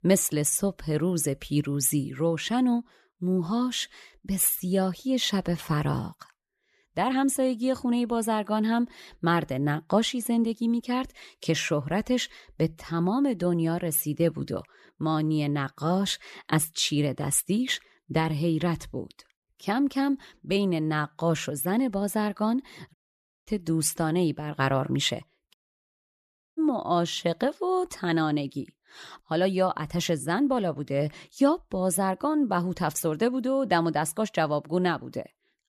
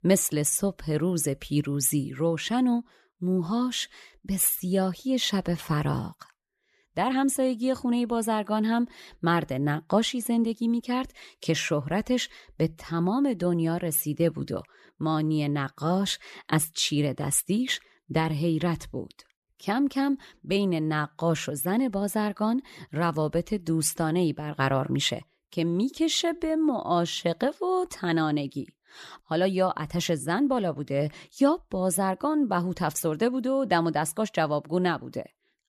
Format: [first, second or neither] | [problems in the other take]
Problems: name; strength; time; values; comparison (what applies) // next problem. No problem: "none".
second | audio cutting out; at 23 s for 0.5 s and at 26 s for 1 s